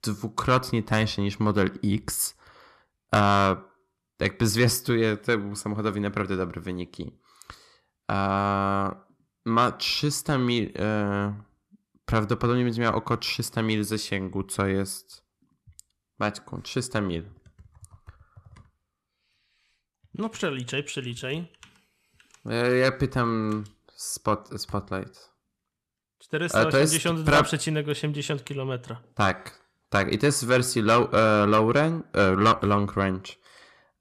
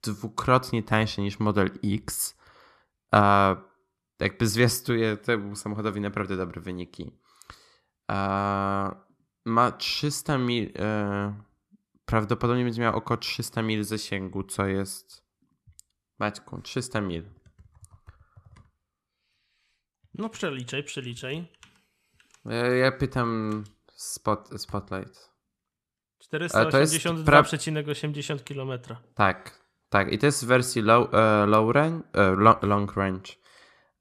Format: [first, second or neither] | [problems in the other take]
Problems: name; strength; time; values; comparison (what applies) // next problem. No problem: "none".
second | distortion; slight; 10 dB below the speech